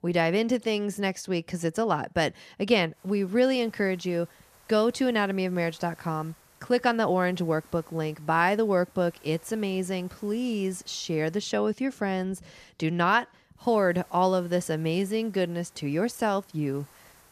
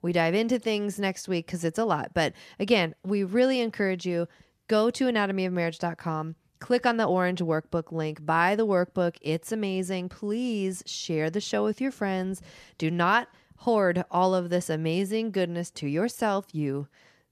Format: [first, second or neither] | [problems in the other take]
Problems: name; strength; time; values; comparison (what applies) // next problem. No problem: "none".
second | hiss; faint; from 3 to 11 s and from 14 s on; 30 dB below the speech